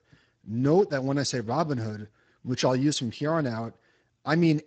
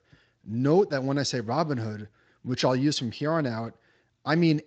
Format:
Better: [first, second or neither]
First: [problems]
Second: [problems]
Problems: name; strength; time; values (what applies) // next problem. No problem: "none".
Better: second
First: garbled, watery; badly; nothing above 8 kHz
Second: garbled, watery; slightly; nothing above 7.5 kHz